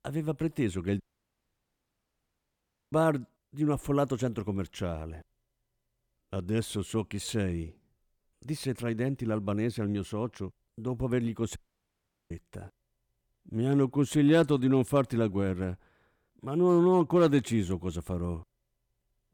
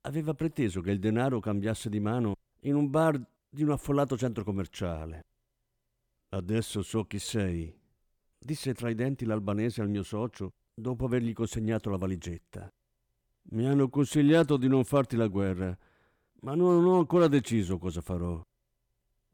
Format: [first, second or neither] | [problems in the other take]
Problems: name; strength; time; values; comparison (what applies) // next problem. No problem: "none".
second | audio cutting out; at 1 s for 2 s and at 12 s for 0.5 s